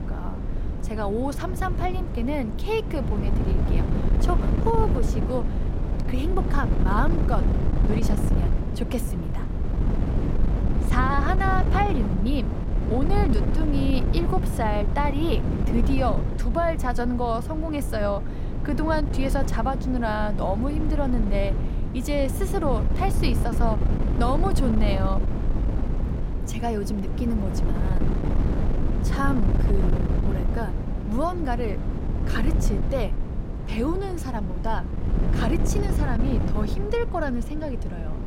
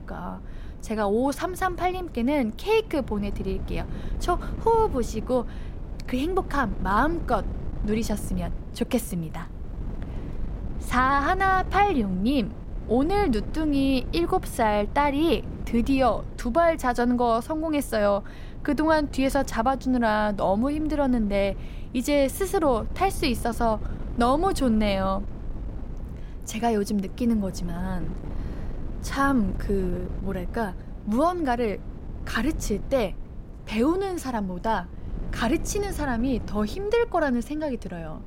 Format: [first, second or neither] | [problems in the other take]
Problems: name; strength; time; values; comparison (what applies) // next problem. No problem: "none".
second | wind noise on the microphone; heavy; 7 dB below the speech; occasional gusts in the second